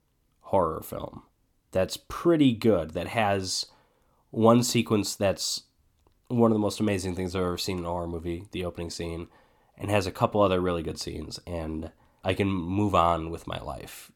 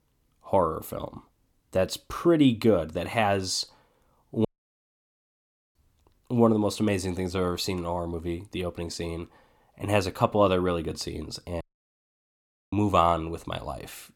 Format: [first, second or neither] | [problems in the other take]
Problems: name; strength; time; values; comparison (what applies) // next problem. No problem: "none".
first | audio cutting out; at 4.5 s for 1.5 s and at 12 s for 1 s